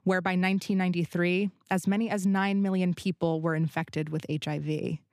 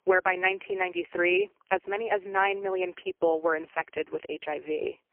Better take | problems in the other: first | phone-call audio; poor line; nothing above 3 kHz

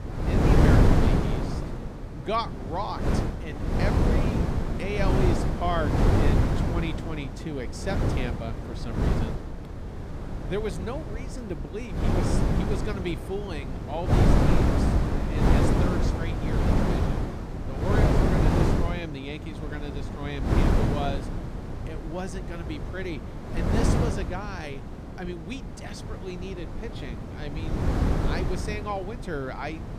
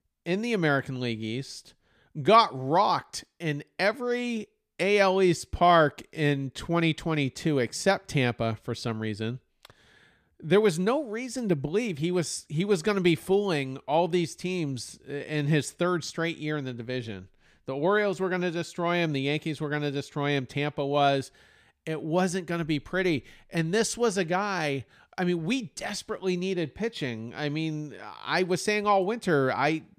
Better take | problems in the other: second | wind noise on the microphone; heavy; 3 dB above the speech

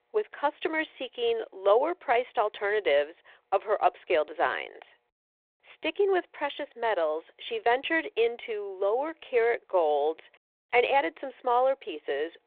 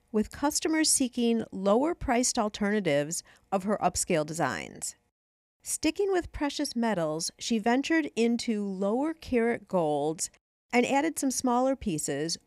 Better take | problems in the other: second | phone-call audio

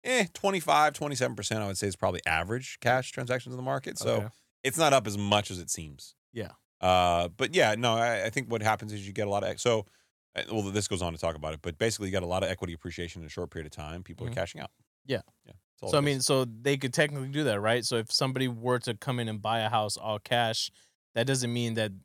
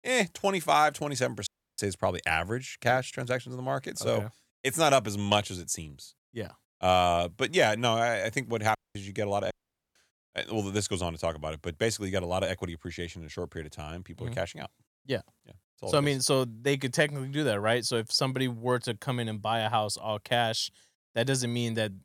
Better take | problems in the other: first | audio cutting out; at 1.5 s, at 9 s and at 9.5 s

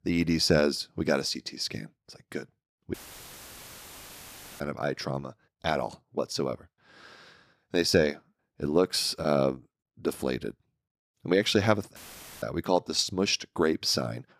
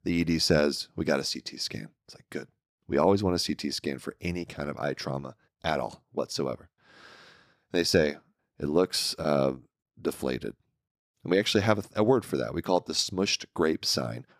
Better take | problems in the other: second | audio cutting out; filled with static; at 3 s for 1.5 s and at 12 s

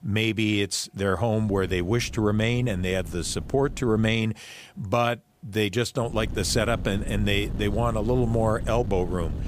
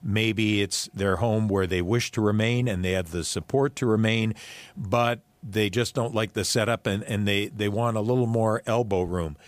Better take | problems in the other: second | wind noise on the microphone; occasional gusts; from 1.5 to 4 s and from 6 s on; 20 dB below the speech

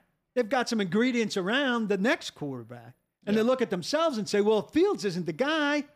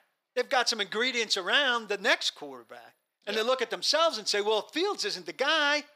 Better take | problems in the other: first | thin; somewhat; fading below 600 Hz

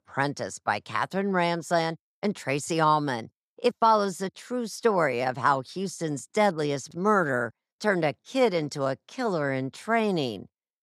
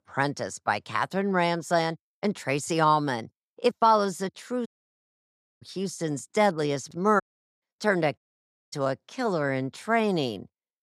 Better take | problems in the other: first | audio cutting out; at 4.5 s for 1 s, at 7 s and at 8 s for 0.5 s

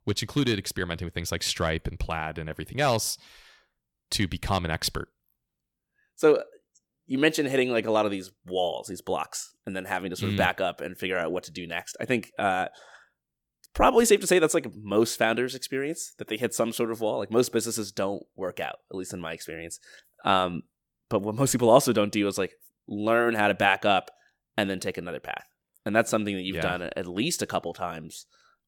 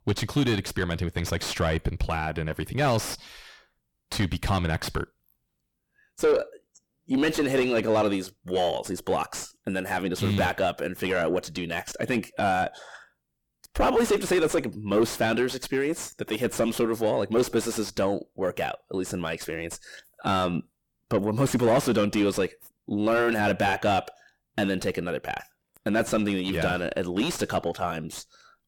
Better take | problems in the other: first | distortion; heavy; 6 dB below the speech

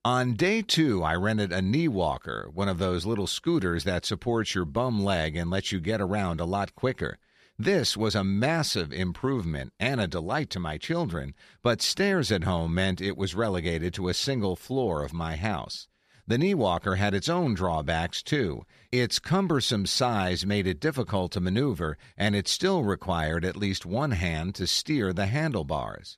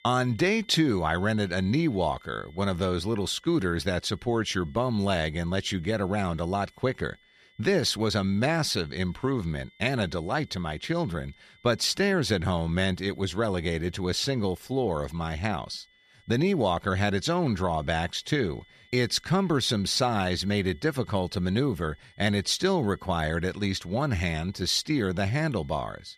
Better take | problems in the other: first | high-pitched whine; faint; throughout; 2 kHz, 30 dB below the speech

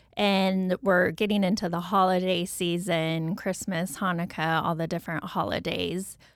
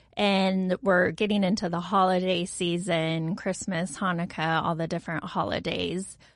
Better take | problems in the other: first | garbled, watery; slightly; nothing above 10.5 kHz

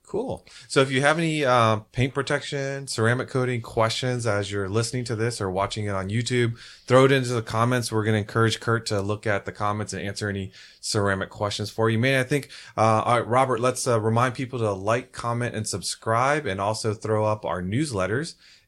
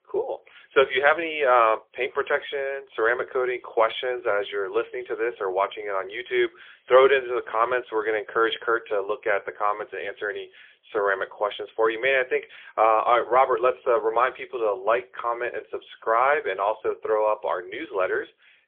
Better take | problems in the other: first | phone-call audio; poor line; nothing above 3.5 kHz

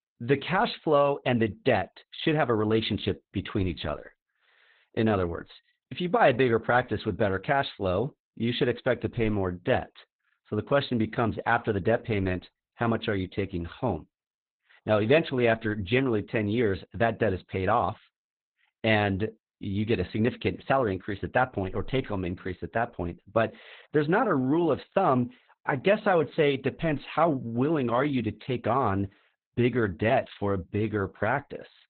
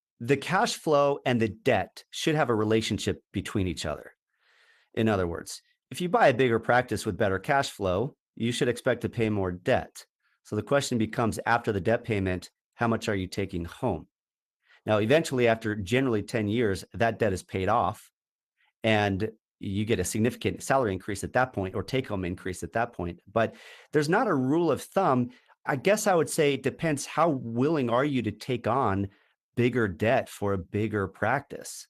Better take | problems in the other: second | garbled, watery; badly; nothing above 4 kHz; slightly in the second

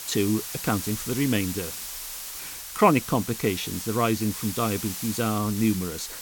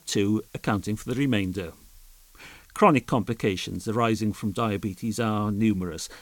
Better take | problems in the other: second | hiss; loud; throughout; 7 dB below the speech; faint in the second

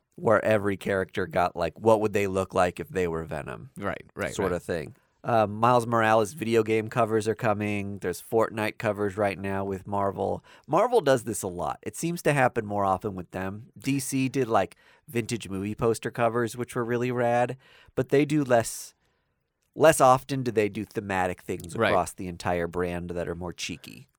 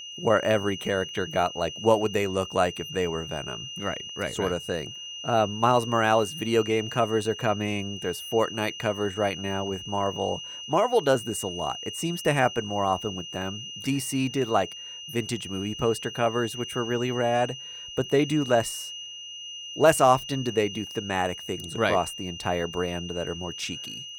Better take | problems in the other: first | high-pitched whine; loud; throughout; 3 kHz, 9 dB below the speech

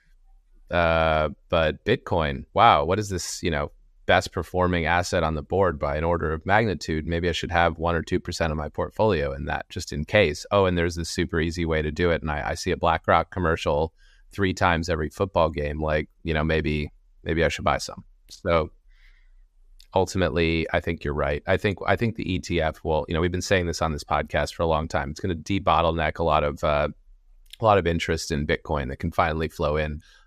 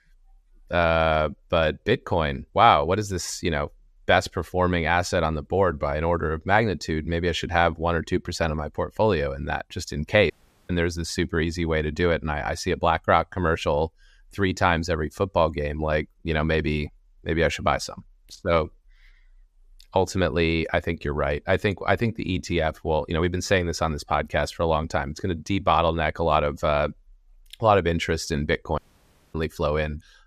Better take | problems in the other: first | audio cutting out; at 10 s and at 29 s for 0.5 s

